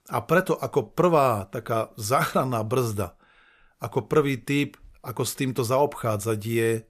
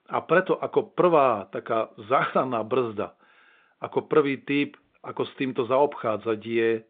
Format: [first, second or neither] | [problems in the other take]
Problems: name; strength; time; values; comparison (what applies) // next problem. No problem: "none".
first | phone-call audio; nothing above 3.5 kHz